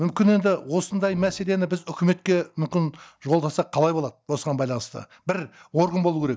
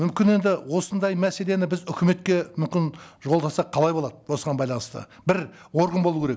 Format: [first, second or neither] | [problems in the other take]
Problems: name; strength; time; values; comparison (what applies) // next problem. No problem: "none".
second | noise reduction (neural mask model DeepFilterNet 3)